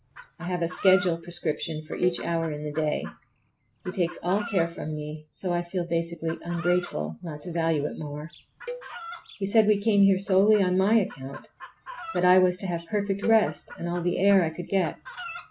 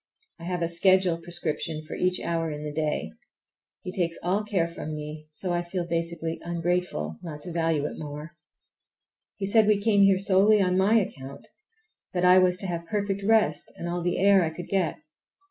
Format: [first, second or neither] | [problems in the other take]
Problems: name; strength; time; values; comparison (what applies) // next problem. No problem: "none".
second | background sound (Cowbell + Chicken, rooster); 16 dB below the speech